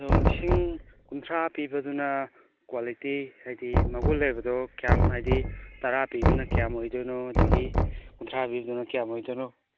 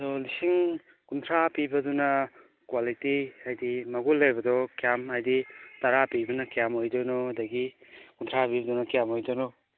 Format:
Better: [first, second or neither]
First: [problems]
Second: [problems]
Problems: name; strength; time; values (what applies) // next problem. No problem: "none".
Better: second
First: background sound (Knock); 3 dB above the speech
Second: none